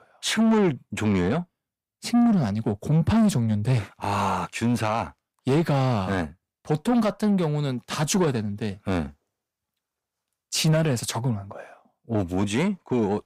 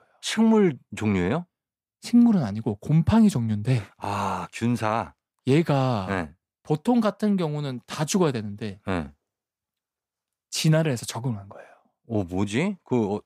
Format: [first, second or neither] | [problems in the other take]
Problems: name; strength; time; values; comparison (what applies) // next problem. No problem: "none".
second | distortion; slight; 10 dB below the speech